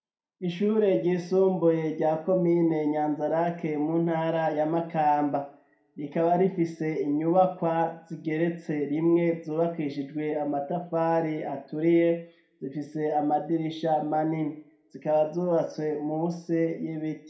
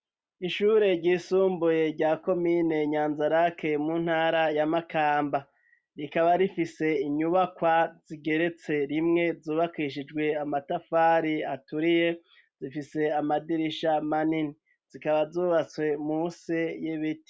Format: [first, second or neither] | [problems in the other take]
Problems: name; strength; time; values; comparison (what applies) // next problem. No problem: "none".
second | room echo; dies away in 0.4 s